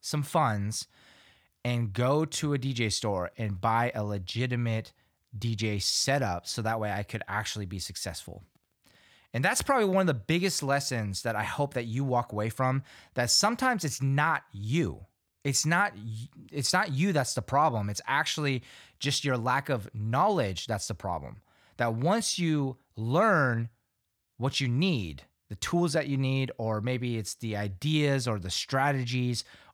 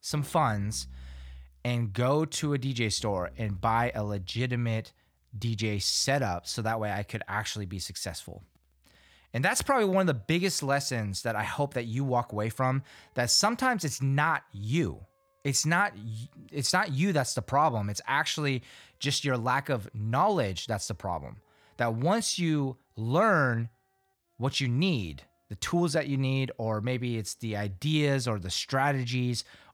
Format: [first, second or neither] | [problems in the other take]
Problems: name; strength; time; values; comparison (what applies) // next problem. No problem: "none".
first | background music; faint; throughout; 25 dB below the speech